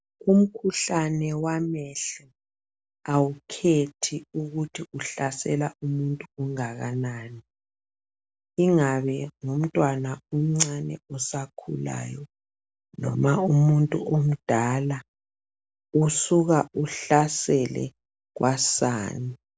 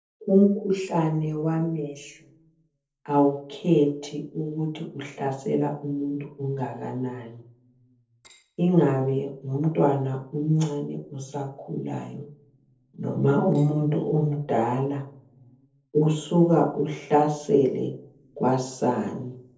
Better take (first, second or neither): first